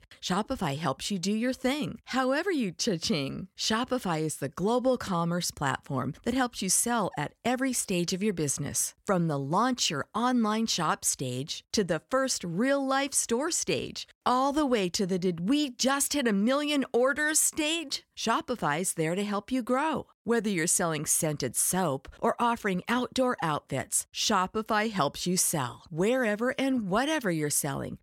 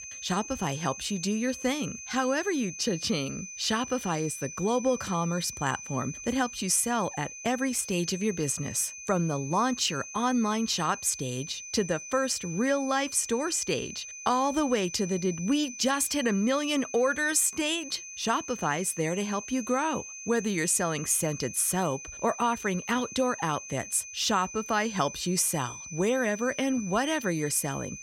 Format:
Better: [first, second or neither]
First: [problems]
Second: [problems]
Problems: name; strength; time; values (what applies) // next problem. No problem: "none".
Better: first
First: none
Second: high-pitched whine; noticeable; throughout; 6 kHz, 10 dB below the speech